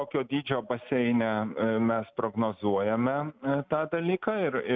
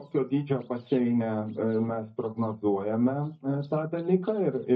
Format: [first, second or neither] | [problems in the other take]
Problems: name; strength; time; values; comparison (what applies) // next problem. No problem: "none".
first | noise reduction (neural mask model DeepFilterNet 3)